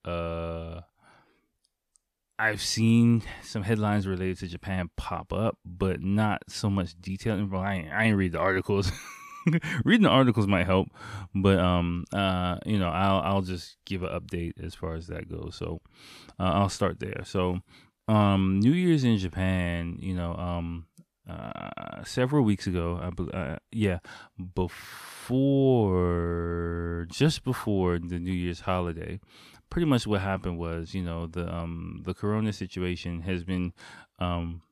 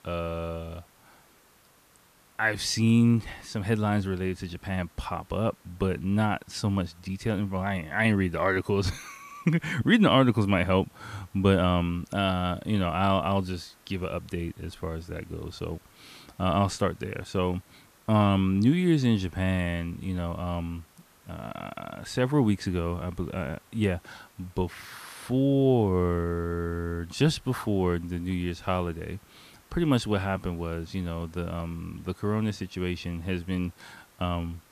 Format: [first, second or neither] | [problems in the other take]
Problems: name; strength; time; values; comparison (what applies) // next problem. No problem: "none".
first | hiss; faint; throughout; 30 dB below the speech